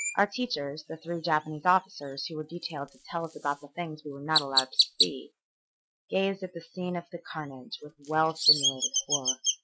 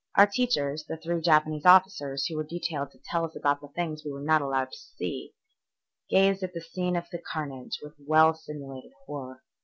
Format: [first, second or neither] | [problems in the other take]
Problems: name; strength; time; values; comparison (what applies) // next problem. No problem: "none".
second | noise reduction (neural mask model RNNoise)